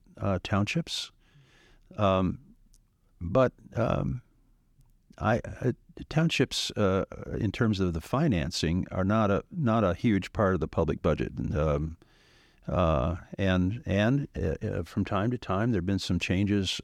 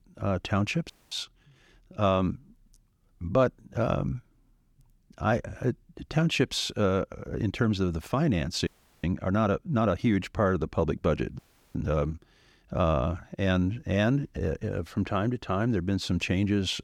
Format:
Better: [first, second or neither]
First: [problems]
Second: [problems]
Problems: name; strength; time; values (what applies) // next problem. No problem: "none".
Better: first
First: none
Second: audio freezing; at 1 s, at 8.5 s and at 11 s